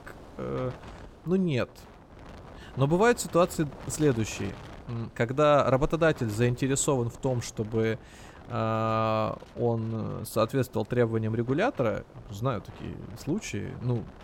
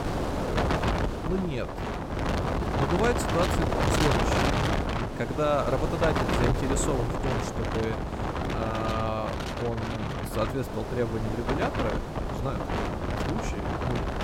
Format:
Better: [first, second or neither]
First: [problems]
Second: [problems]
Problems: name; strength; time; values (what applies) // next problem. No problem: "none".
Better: first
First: wind noise on the microphone; occasional gusts; 20 dB below the speech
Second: wind noise on the microphone; heavy; 2 dB above the speech